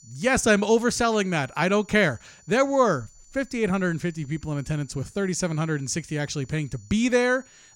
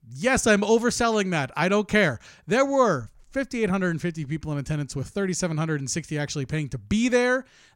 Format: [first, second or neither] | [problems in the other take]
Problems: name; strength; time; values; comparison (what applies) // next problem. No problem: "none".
second | high-pitched whine; faint; throughout; 7 kHz, 30 dB below the speech